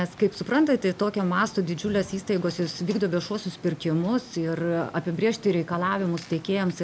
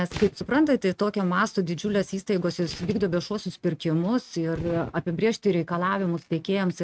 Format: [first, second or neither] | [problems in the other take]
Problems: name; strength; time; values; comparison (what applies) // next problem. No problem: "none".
first | noise reduction (neural mask model RNNoise)